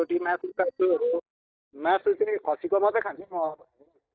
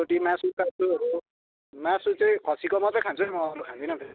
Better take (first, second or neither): second